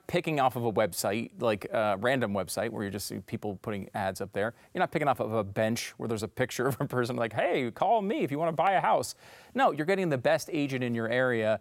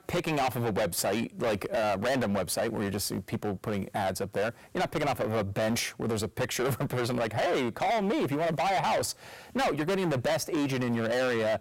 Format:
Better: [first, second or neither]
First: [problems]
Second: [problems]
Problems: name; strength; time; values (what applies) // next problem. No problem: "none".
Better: first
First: none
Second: distortion; heavy; 23% of the sound clipped